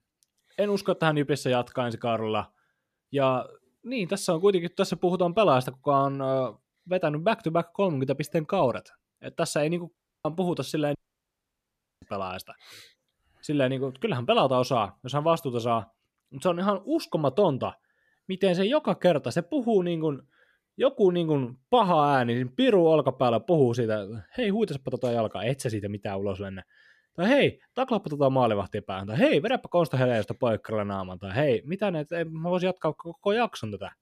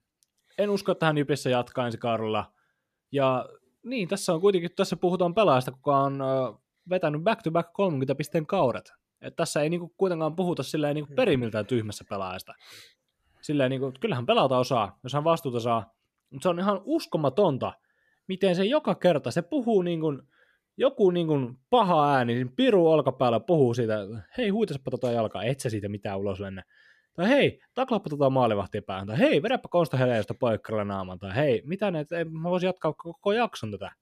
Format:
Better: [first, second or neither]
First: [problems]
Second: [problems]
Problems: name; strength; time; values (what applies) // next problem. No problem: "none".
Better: second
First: audio cutting out; at 10 s and at 11 s for 1 s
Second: none